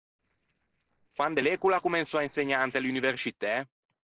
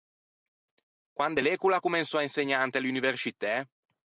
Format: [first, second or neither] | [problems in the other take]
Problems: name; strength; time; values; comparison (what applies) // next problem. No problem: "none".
second | noise reduction (neural separator model SepFormer DNS4)